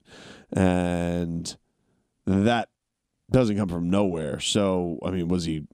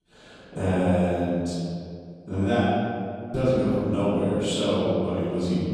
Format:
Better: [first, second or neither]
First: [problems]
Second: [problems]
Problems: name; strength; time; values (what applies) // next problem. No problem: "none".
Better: first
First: none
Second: room echo; strong; dies away in 2.1 s // off-mic speech; far